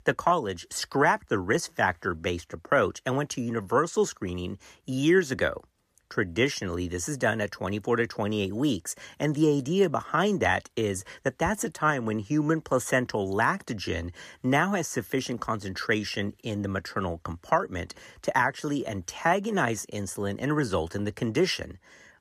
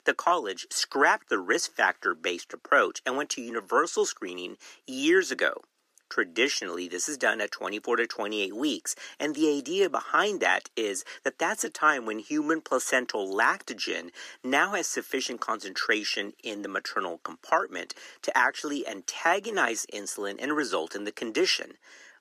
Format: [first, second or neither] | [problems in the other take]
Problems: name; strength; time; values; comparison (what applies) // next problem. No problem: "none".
first | thin; somewhat; fading below 300 Hz